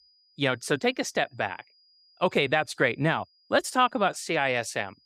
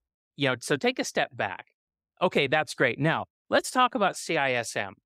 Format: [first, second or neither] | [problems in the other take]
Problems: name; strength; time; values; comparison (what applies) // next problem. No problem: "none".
second | high-pitched whine; faint; throughout; 5 kHz, 35 dB below the speech